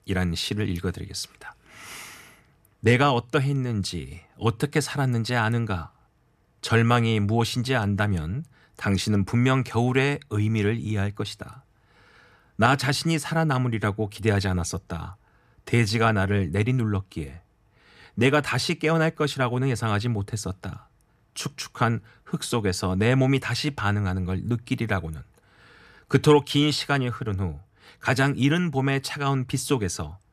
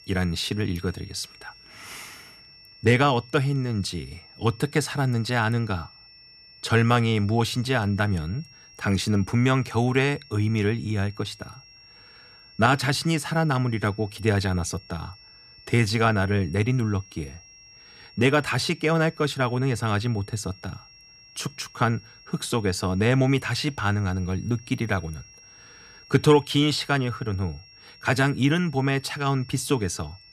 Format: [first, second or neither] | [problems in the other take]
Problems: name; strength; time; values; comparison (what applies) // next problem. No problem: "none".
first | high-pitched whine; faint; throughout; 5.5 kHz, 25 dB below the speech